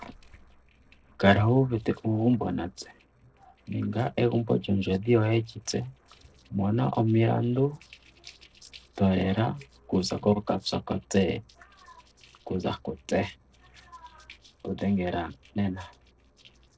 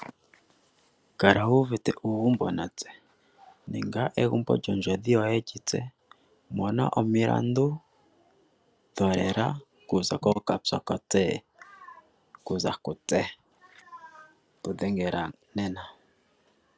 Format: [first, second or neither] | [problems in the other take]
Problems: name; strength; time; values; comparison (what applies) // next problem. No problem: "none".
second | noise reduction (neural separator model SepFormer DNS4)